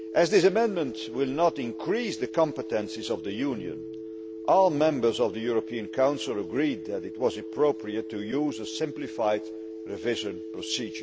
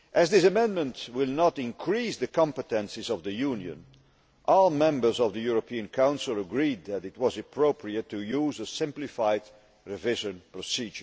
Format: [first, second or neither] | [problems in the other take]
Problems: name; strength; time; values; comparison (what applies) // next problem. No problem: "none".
second | background sound (Telephone); 10 dB below the speech